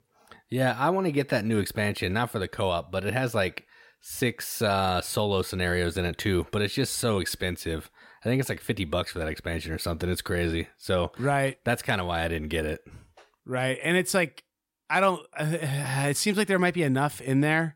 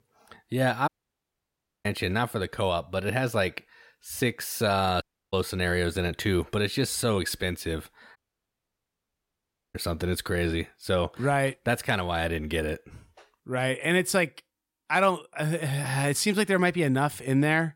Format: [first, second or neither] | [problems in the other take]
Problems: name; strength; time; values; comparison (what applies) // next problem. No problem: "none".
first | audio cutting out; at 1 s for 1 s, at 5 s and at 8 s for 1.5 s